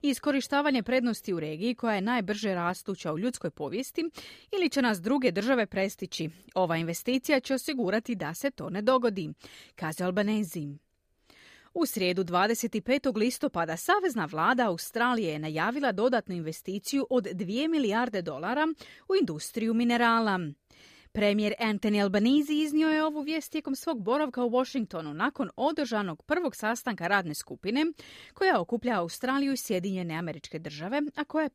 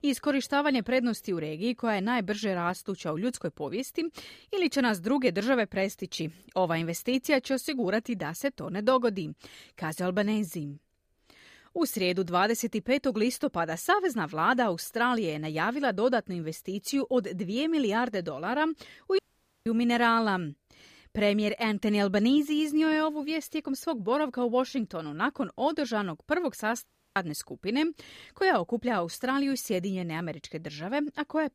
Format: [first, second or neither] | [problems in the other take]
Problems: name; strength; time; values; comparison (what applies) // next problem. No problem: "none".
first | audio cutting out; at 19 s and at 27 s